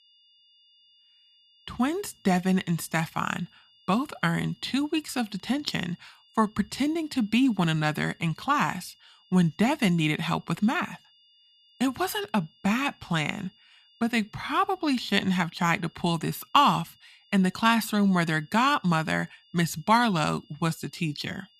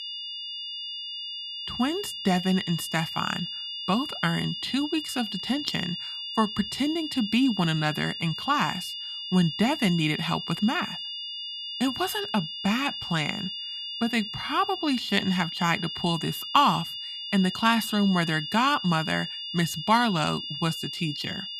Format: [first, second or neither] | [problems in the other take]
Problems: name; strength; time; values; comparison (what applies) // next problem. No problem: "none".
first | high-pitched whine; loud; throughout; 3 kHz, 6 dB below the speech; faint in the first